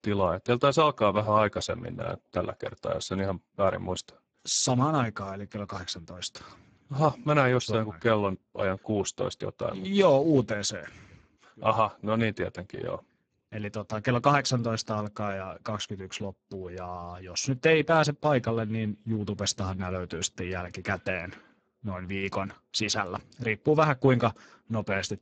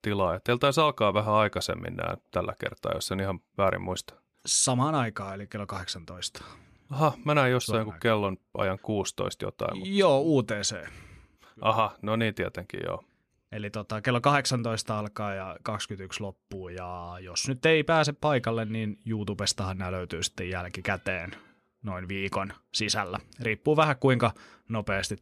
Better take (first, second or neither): second